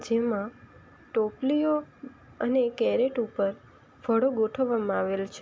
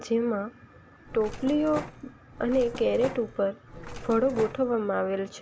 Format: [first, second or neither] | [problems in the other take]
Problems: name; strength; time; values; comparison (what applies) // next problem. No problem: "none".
first | background sound (Mechanisms); 12 dB below the speech